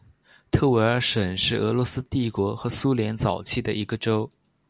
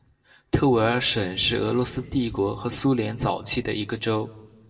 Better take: first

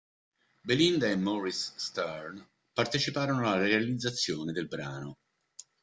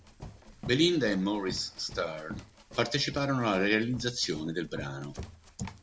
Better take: first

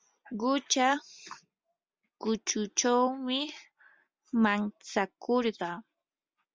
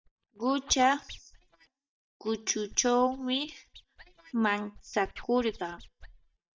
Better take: first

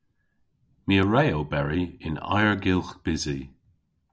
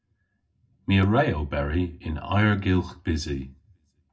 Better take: first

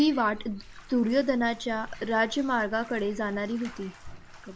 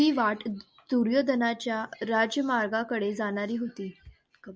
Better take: second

